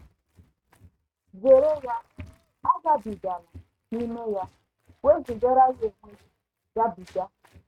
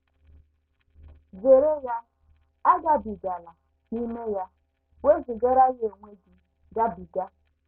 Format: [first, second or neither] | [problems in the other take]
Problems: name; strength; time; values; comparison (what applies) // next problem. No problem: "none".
second | noise reduction (neural mask model RNNoise)